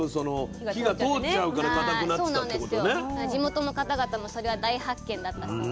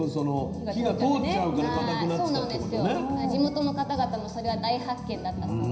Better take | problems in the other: first | room echo; dies away in 0.9 s

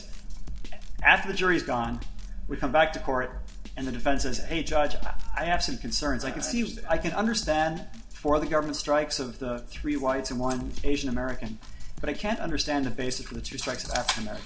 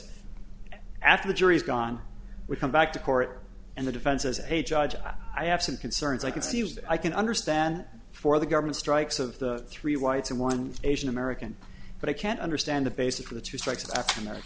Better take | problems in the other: second | background sound (Drum kit); 18 dB below the speech // room echo; dies away in 0.2 s

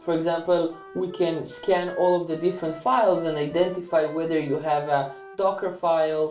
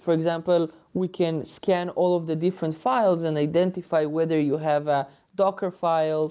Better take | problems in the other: second | background sound (Wind instrument, woodwind instrument); 19 dB below the speech // room echo; dies away in 0.3 s

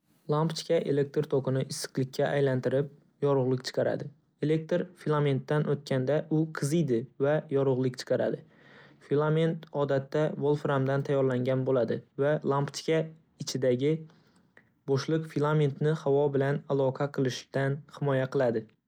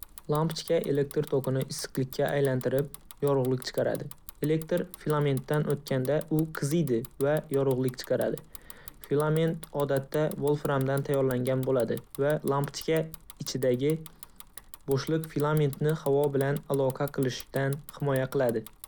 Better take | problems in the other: first | background sound (Bicycle); 19 dB below the speech

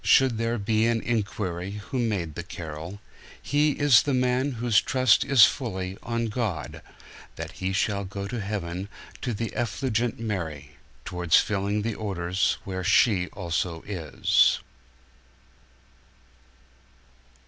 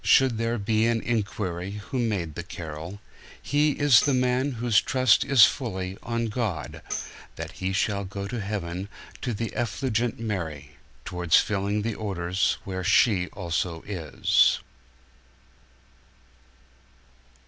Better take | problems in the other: first | background sound (Tambourine); 13 dB below the speech

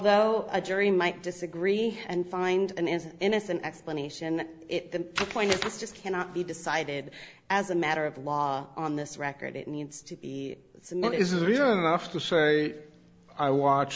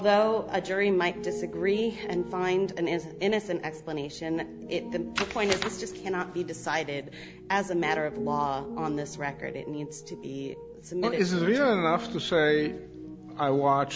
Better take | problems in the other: first | background sound (Piano); 12 dB below the speech

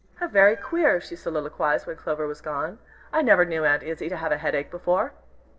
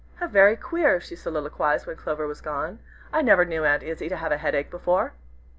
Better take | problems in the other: second | noise reduction (neural separator model SepFormer DNS4)

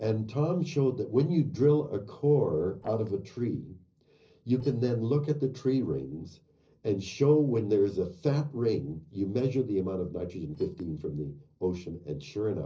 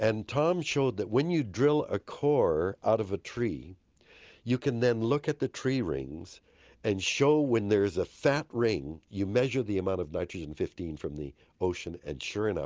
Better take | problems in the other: second | noise reduction (neural separator model SepFormer DNS4)

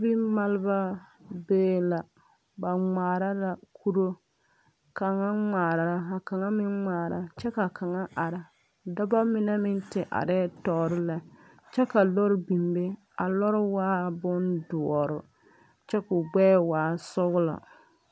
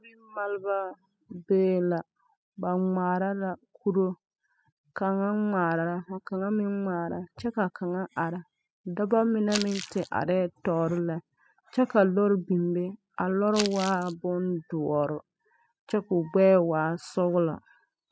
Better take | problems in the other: first | noise reduction (classical method spectral subtraction)

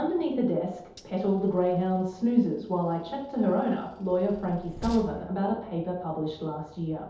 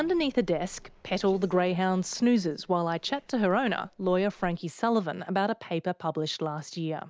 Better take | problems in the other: second | background sound (Train); 20 dB below the speech // room echo; dies away in 0.8 s

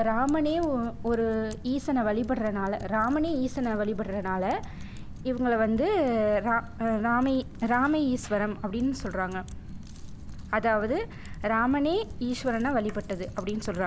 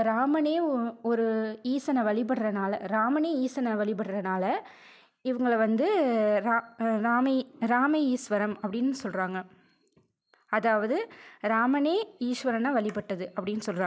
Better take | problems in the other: second | background sound (Typing); 11 dB below the speech

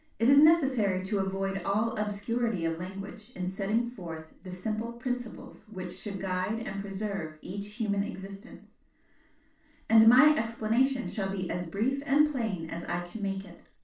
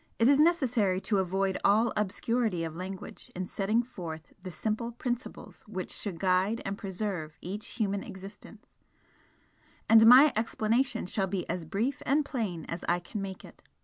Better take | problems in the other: second | room echo; dies away in 0.3 s

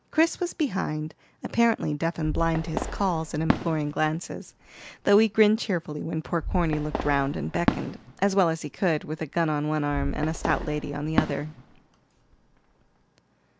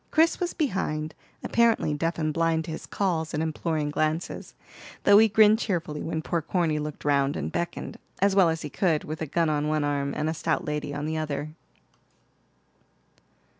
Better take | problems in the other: second | background sound (Fireworks); 6 dB below the speech

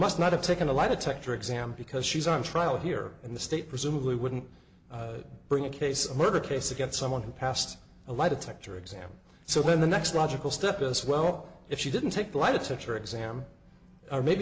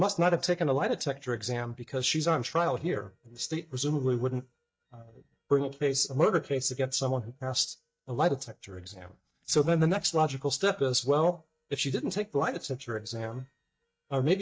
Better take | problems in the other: first | noise reduction (neural mask model DeepFilterNet 3)

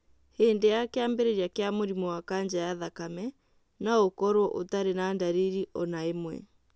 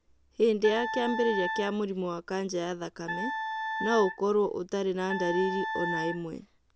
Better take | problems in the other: first | background sound (Wind instrument, woodwind instrument); 5 dB below the speech

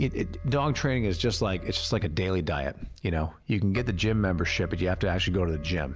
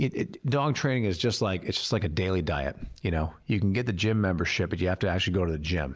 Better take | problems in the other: second | background sound (Keyboard (musical)); 12 dB below the speech

